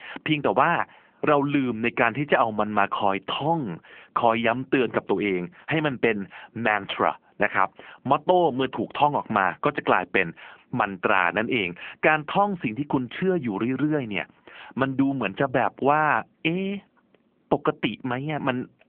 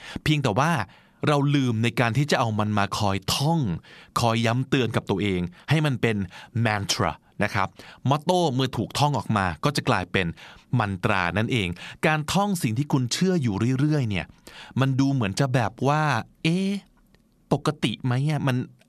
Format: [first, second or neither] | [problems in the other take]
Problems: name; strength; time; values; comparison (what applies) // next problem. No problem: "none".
second | phone-call audio